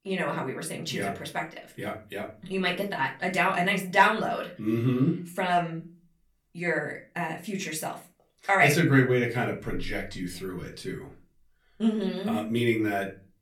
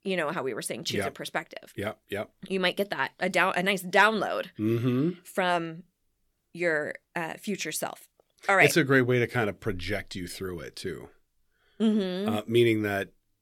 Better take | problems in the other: second | off-mic speech; far // room echo; very slight; dies away in 0.3 s

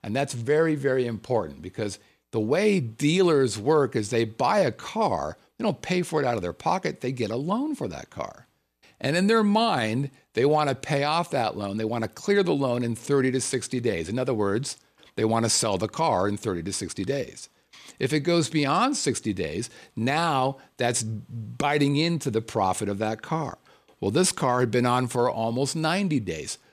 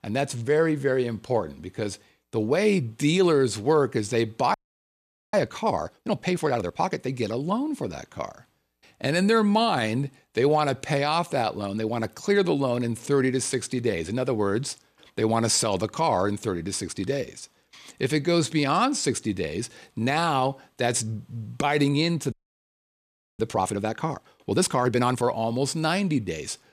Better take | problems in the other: first | audio freezing; at 4.5 s for 1 s and at 22 s for 1 s

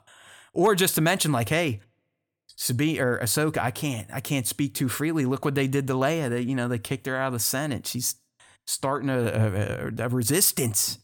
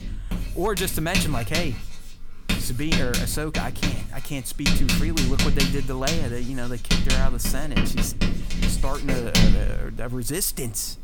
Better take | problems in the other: first | household noises; very loud; throughout; 3 dB above the speech

